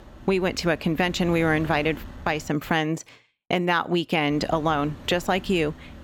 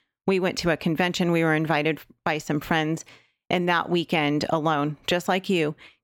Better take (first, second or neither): second